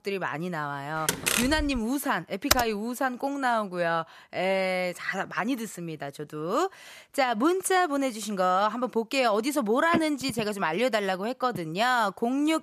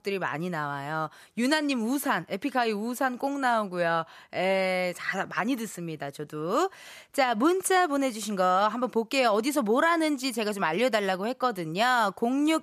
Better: second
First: door banging; loud; at 1 s; peak 2 dB above the speech // keyboard typing; loud; at 2.5 s; peak 2 dB above the speech // phone ringing; noticeable; from 10 to 12 s; peak 6 dB below the speech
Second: none

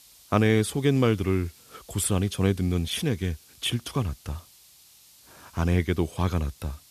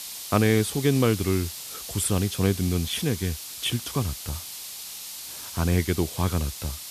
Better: first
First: hiss; faint; throughout; 25 dB below the speech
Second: hiss; loud; throughout; 9 dB below the speech

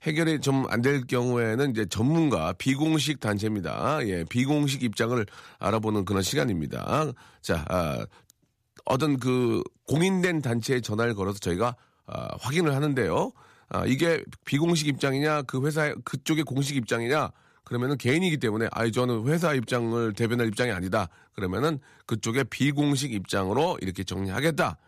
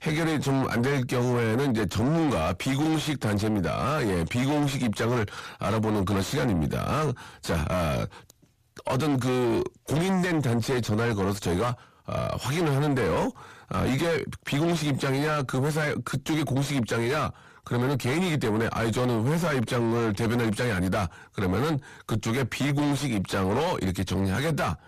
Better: first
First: none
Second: distortion; heavy; 5 dB below the speech

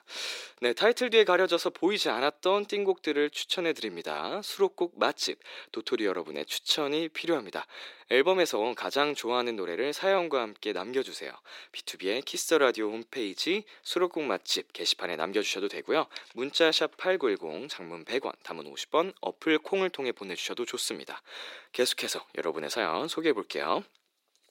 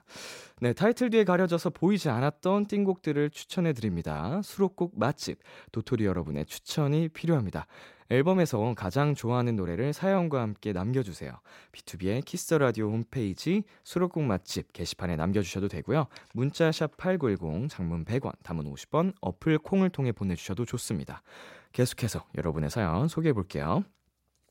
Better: second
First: thin; very; fading below 350 Hz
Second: none

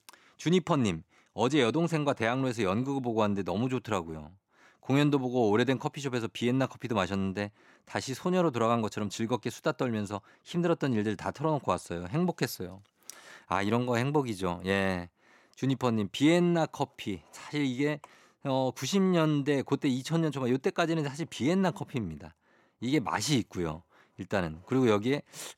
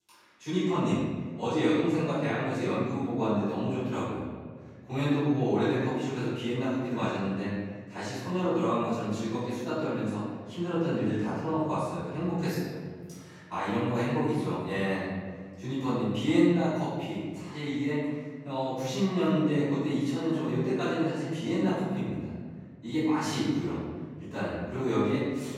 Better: first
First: none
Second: room echo; strong; dies away in 1.8 s // off-mic speech; far

